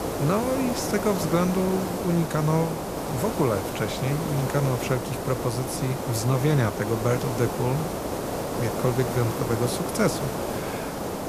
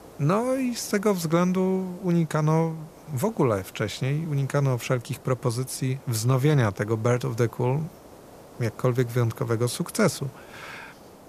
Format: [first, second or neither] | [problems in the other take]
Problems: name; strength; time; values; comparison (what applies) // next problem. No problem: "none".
second | hiss; loud; throughout; 3 dB below the speech; faint in the second